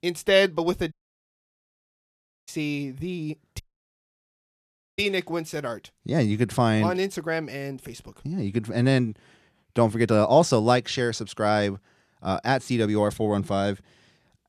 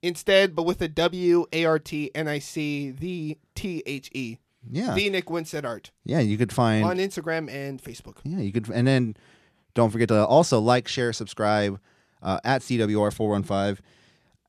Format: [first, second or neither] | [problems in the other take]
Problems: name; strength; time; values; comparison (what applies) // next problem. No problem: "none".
second | audio cutting out; at 1 s for 1.5 s and at 3.5 s for 1.5 s